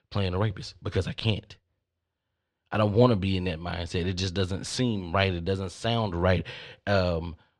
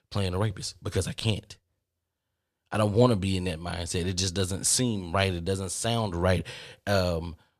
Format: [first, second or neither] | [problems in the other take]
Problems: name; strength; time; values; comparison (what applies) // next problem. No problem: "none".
second | muffled; very slightly; fading above 3 kHz